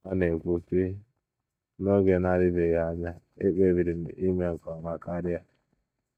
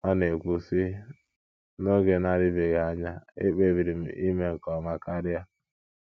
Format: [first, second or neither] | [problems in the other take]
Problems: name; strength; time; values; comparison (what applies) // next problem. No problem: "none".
second | noise reduction (neural mask model DeepFilterNet 3)